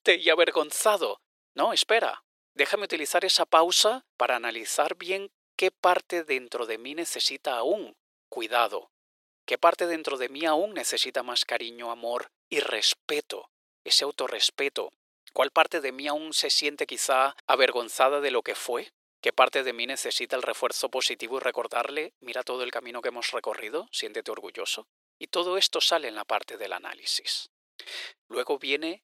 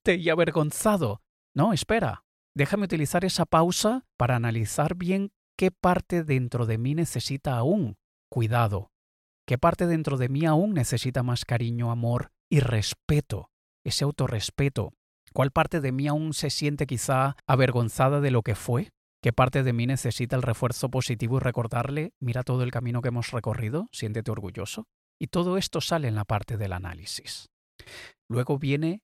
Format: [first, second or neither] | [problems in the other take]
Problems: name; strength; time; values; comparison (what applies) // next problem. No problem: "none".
second | thin; very; fading below 350 Hz